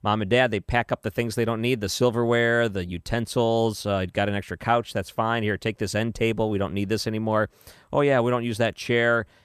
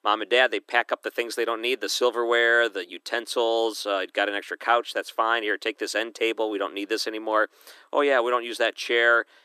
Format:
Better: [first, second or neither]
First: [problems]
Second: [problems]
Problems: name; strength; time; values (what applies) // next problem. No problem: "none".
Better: first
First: none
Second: thin; very; fading below 300 Hz